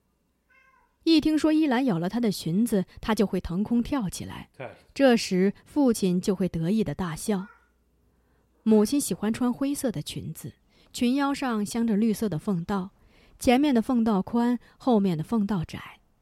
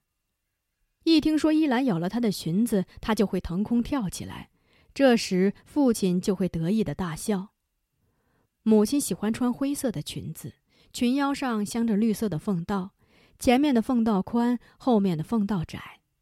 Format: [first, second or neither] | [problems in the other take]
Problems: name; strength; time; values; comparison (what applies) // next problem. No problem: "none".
second | animal sounds; faint; throughout; 25 dB below the speech